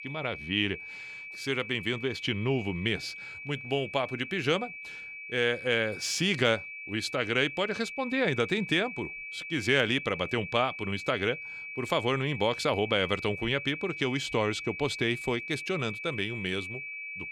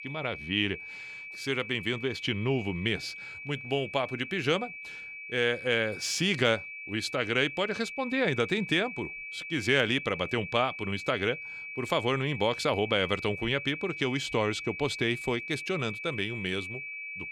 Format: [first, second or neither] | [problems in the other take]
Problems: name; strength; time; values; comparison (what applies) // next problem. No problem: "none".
neither | high-pitched whine; loud; throughout; 2.5 kHz, 9 dB below the speech; the same in both